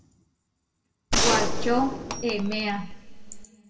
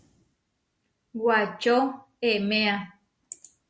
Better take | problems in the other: second | background sound (Gunshot, gunfire); 3 dB above the speech // room echo; dies away in 1.8 s

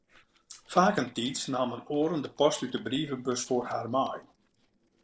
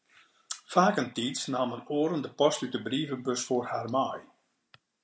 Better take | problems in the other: second | noise reduction (neural separator model SepFormer DNS4)

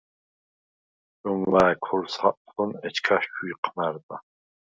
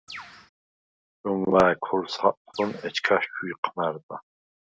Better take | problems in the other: first | background sound (Bird); 15 dB below the speech

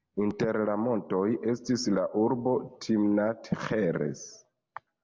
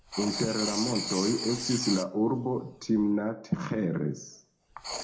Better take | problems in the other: first | background sound (Writing); 8 dB below the speech // room echo; dies away in 0.3 s

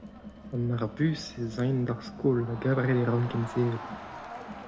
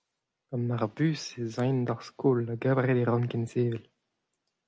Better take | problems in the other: second | background sound (Crowd); 13 dB below the speech // room echo; dies away in 1.4 s

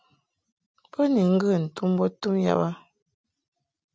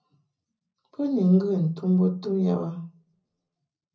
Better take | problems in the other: first | room echo; dies away in 0.4 s

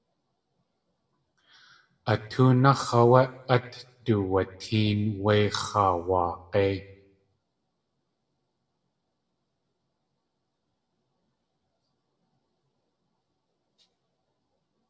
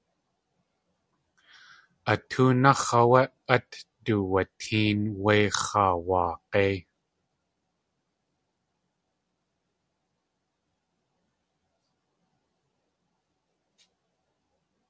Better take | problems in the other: second | room echo; dies away in 0.5 s

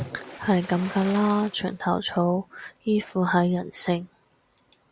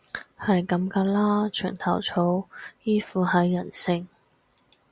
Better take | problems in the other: second | background sound (Splash, splatter); 18 dB below the speech

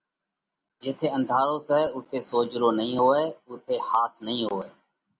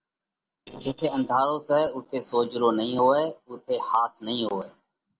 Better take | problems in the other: first | noise reduction (neural separator model SepFormer DNS4)

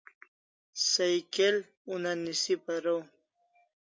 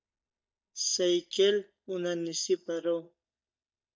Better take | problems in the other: first | noise reduction (neural mask model DeepFilterNet 3)

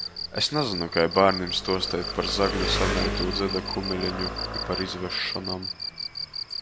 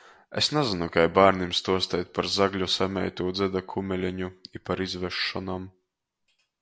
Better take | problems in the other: second | background sound (Engine + Cricket); 3 dB below the speech

